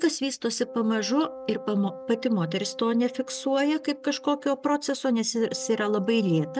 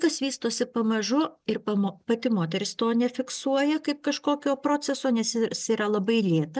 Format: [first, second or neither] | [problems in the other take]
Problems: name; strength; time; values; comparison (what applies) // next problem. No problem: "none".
second | background sound (Wind instrument, woodwind instrument); 15 dB below the speech